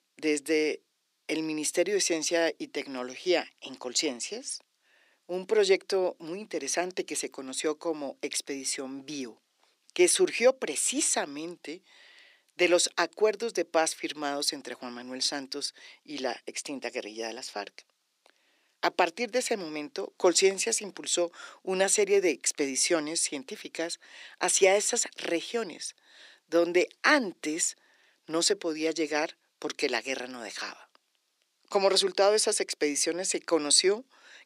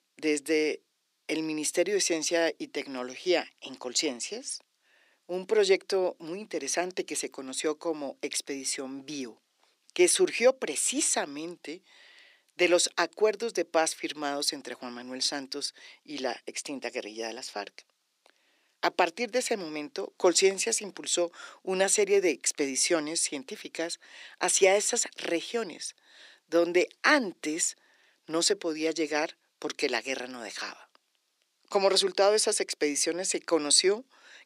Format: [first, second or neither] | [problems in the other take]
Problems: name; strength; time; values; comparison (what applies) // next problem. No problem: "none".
neither | thin; somewhat; fading below 350 Hz; the same in both